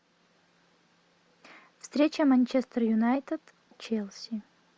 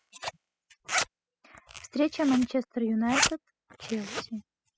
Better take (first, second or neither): first